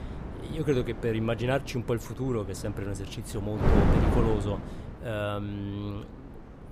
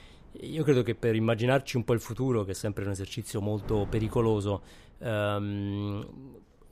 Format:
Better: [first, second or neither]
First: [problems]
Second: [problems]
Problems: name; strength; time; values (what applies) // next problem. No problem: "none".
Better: second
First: wind noise on the microphone; heavy; 3 dB below the speech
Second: wind noise on the microphone; occasional gusts; 20 dB below the speech